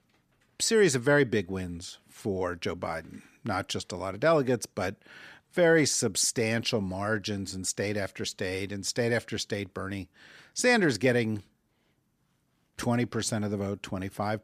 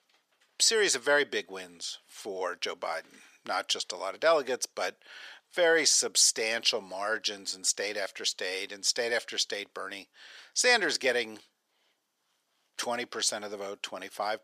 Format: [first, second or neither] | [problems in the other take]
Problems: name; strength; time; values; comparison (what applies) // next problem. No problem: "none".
first | thin; very; fading below 600 Hz